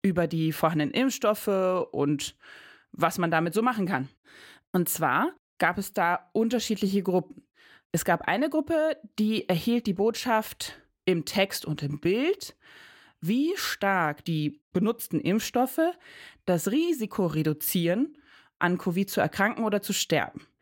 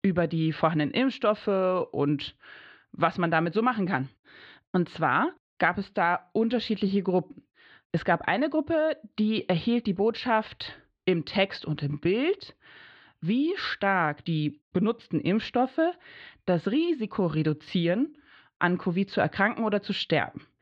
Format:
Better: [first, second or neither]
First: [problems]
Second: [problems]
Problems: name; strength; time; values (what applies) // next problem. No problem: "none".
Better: first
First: none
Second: muffled; very slightly; fading above 4 kHz